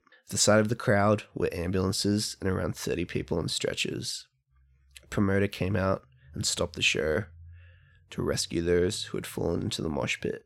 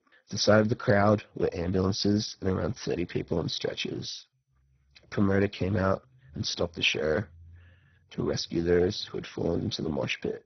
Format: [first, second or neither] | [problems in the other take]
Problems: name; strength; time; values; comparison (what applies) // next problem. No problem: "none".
first | garbled, watery; badly; nothing above 6 kHz